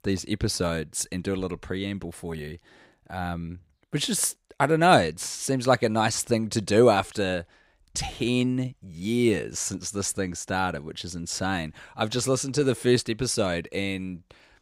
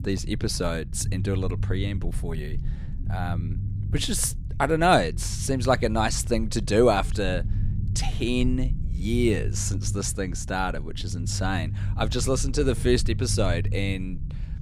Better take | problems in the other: first | low rumble; noticeable; throughout; 20 dB below the speech

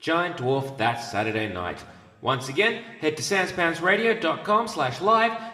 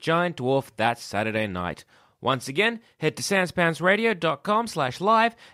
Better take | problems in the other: second | room echo; very slight; dies away in 1.3 s

